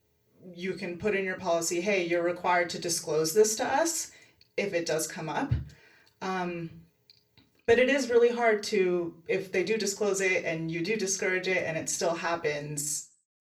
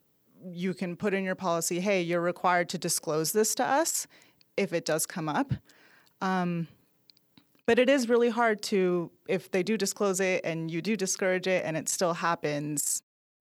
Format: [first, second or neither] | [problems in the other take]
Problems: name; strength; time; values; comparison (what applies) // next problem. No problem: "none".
second | room echo; very slight; dies away in 0.3 s // off-mic speech; far